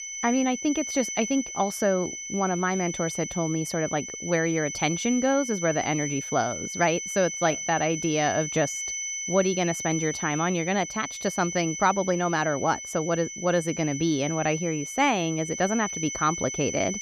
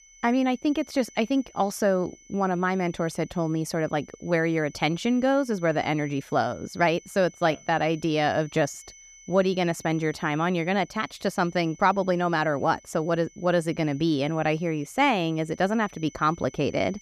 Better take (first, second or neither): second